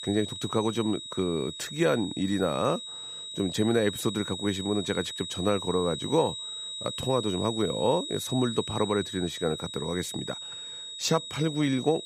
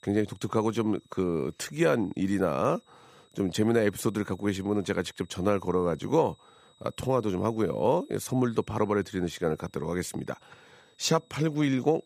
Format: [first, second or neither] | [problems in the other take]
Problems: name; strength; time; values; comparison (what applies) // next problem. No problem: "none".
second | high-pitched whine; loud; throughout; 4 kHz, 7 dB below the speech; faint in the second